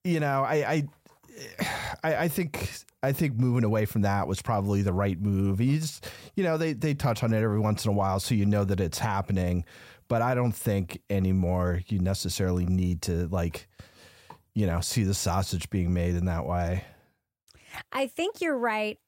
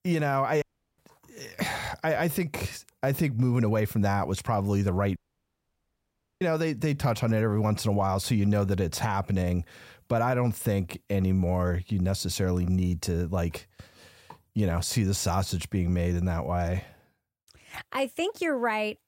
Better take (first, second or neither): first